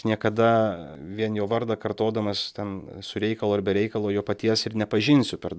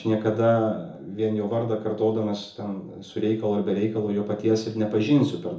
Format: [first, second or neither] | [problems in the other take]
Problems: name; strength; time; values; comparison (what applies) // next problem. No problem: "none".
first | room echo; dies away in 0.5 s